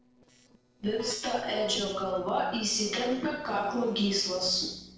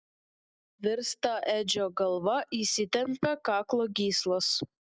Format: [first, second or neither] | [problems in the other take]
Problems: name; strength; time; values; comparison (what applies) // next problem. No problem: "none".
second | noise reduction (neural separator model SepFormer DNS4)